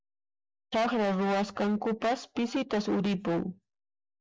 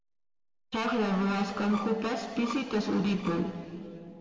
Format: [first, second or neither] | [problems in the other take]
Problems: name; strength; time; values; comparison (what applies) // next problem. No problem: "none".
first | noise reduction (neural separator model SepFormer DNS4)